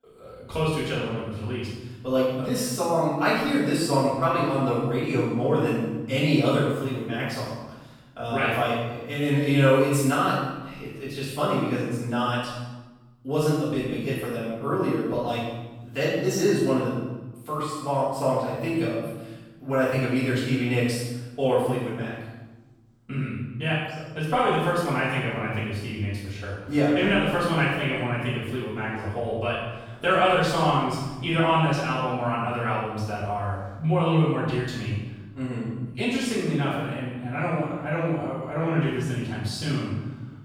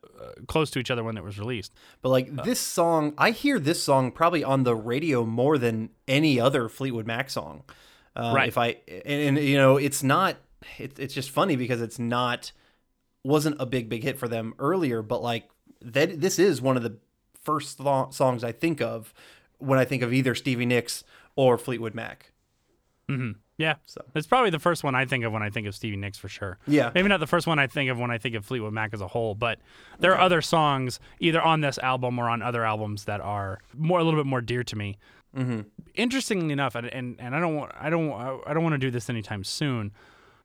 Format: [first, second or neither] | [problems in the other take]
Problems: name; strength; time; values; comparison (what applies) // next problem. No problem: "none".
second | off-mic speech; far // room echo; strong; dies away in 1.1 s